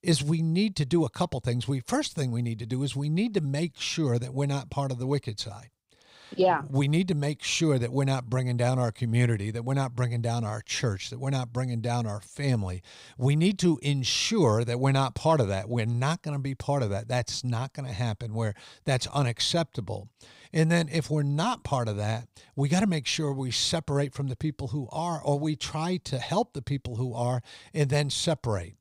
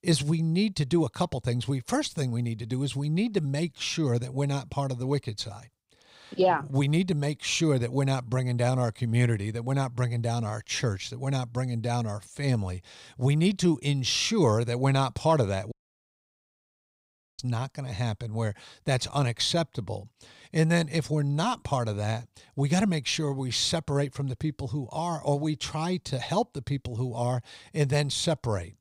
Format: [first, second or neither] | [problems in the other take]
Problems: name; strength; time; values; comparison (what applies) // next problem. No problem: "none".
first | audio cutting out; at 16 s for 1.5 s